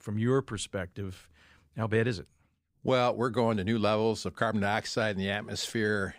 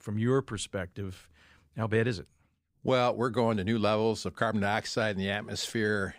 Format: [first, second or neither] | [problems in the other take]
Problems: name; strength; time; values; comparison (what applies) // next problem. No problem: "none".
neither | none